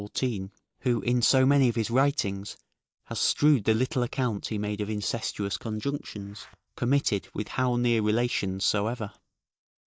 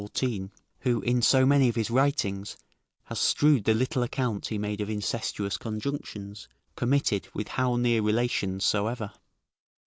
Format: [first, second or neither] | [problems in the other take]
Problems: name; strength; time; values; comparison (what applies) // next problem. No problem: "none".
second | noise reduction (neural mask model DeepFilterNet 3)